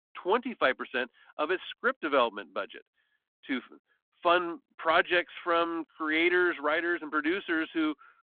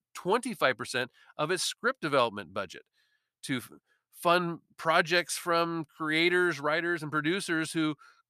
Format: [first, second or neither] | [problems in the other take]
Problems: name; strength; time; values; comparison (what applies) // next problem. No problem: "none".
second | phone-call audio